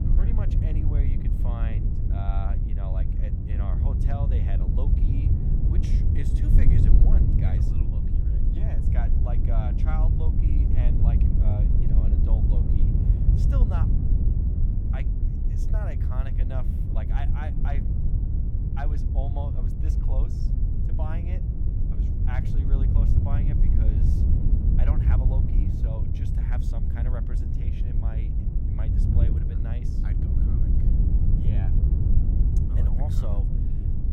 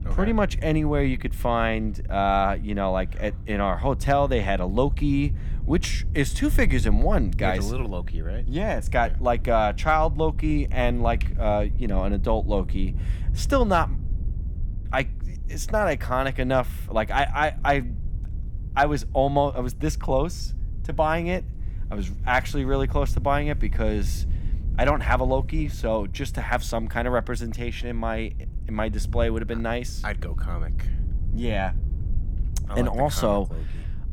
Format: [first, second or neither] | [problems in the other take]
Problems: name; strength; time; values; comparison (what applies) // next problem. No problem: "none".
second | wind noise on the microphone; heavy; 2 dB above the speech; occasional gusts in the second